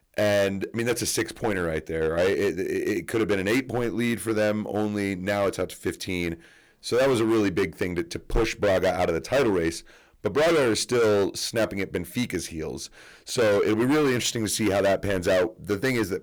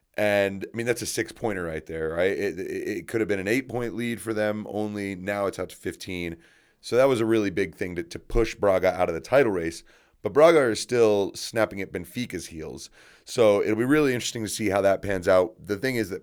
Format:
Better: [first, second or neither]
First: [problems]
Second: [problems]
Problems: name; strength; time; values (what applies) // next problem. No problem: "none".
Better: second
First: distortion; heavy; 13% of the sound clipped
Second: none